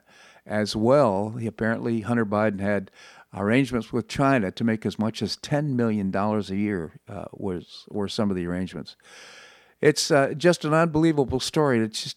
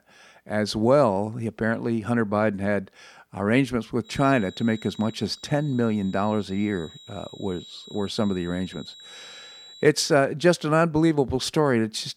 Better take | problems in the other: first | high-pitched whine; faint; from 4 to 10 s; 4 kHz, 20 dB below the speech

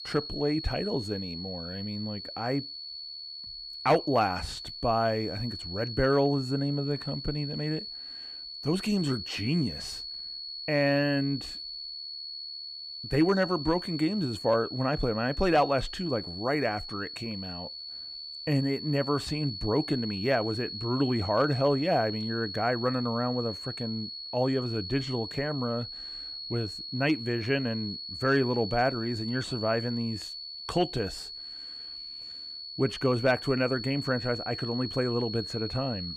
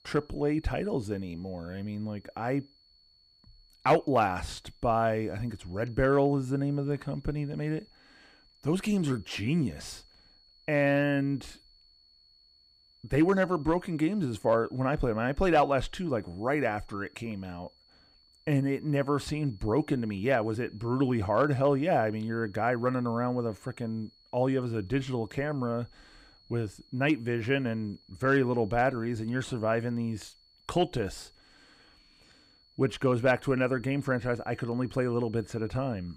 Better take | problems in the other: second | high-pitched whine; loud; throughout; 4.5 kHz, 8 dB below the speech; faint in the second

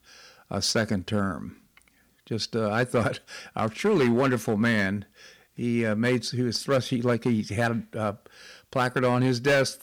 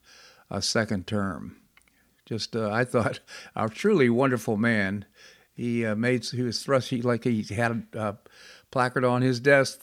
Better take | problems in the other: second | distortion; slight; 5% of the sound clipped

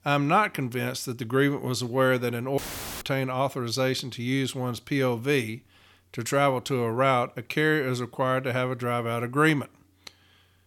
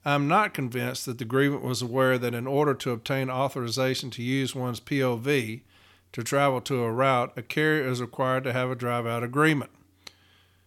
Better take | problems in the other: second | audio cutting out; filled with static; at 2.5 s

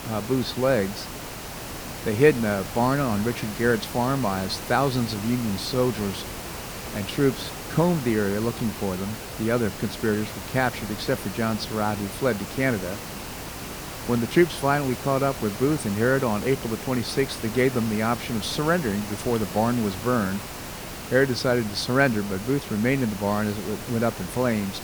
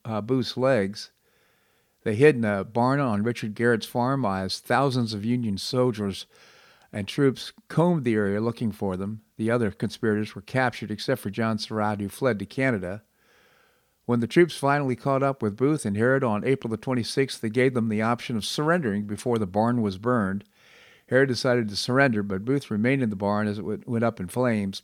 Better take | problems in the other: second | hiss; loud; throughout; 9 dB below the speech

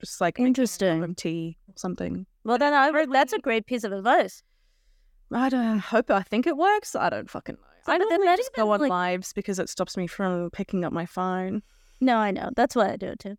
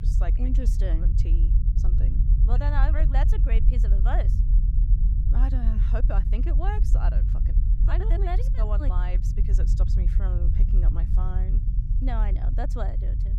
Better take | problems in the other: first | low rumble; loud; throughout; 6 dB below the speech

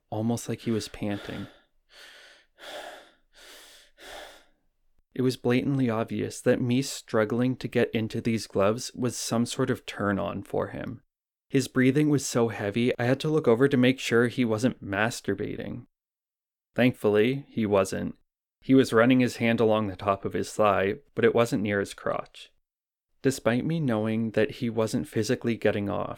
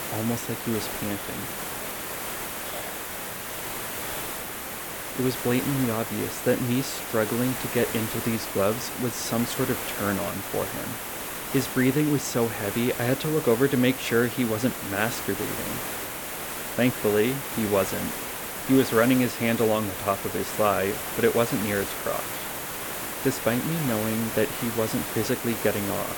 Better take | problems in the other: first | hiss; loud; throughout; 5 dB below the speech

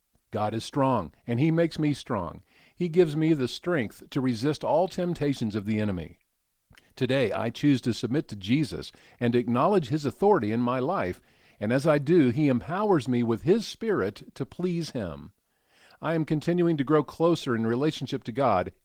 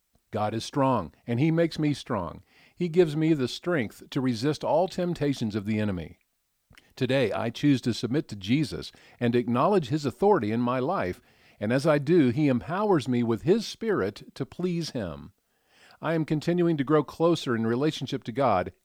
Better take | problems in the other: second | garbled, watery; slightly

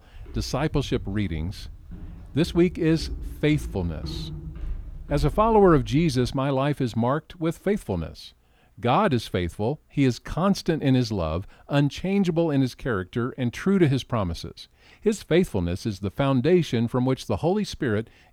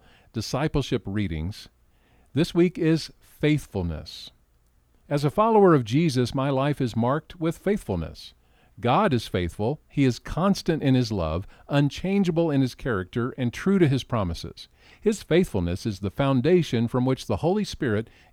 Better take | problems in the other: second | footsteps; noticeable; until 6.5 s; peak 10 dB below the speech

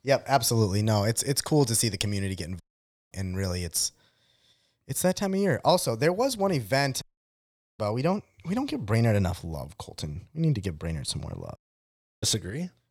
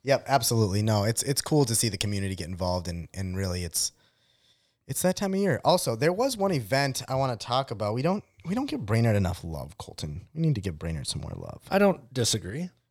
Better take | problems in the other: second | audio cutting out; at 2.5 s for 0.5 s, at 7 s for 1 s and at 12 s for 0.5 s

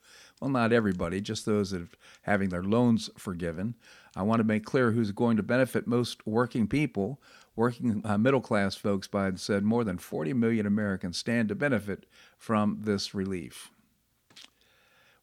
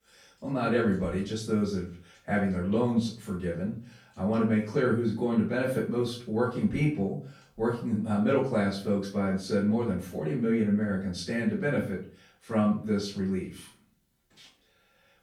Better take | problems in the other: first | off-mic speech; far // room echo; noticeable; dies away in 0.4 s

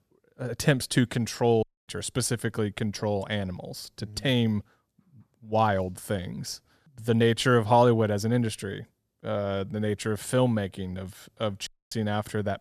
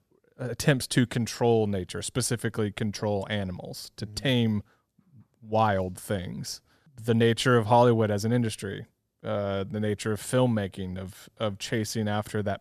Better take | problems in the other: second | audio cutting out; at 1.5 s and at 12 s

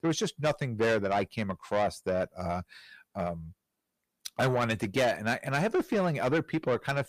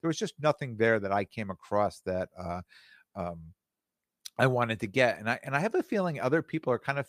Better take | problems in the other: second | distortion; heavy; 8 dB below the speech

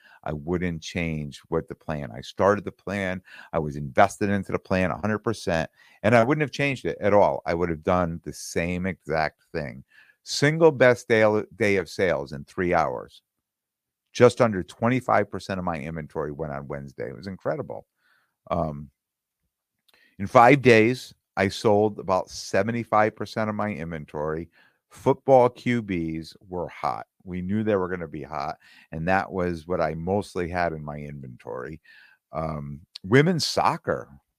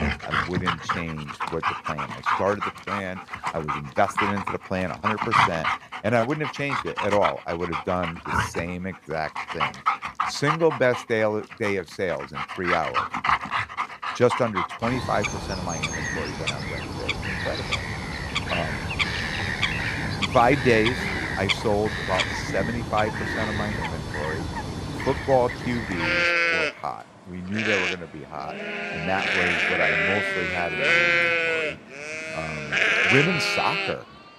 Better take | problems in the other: first | animal sounds; very loud; throughout; 2 dB above the speech

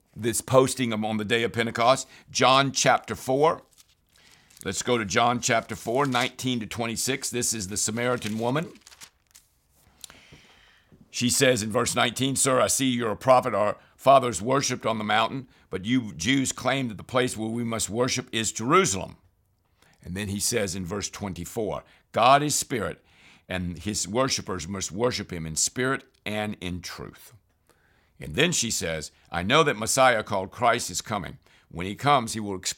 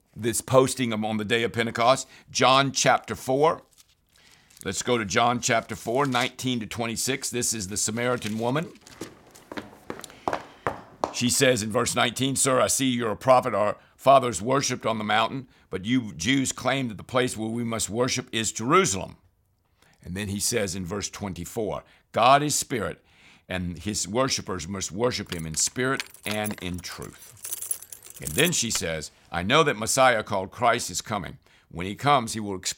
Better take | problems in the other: first | footsteps; noticeable; from 9 to 11 s; peak 6 dB below the speech // jangling keys; noticeable; from 25 to 29 s; peak 5 dB below the speech

